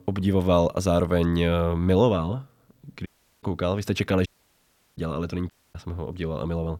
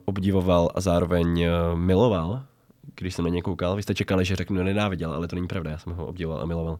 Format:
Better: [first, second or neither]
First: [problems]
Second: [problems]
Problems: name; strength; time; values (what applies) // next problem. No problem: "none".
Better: second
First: audio cutting out; at 3 s, at 4.5 s for 0.5 s and at 5.5 s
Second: none